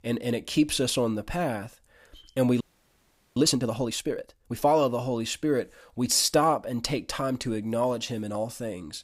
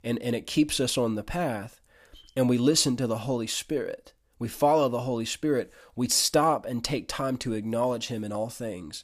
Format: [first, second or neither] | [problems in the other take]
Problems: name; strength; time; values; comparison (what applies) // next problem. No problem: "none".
second | audio freezing; at 2.5 s for 1 s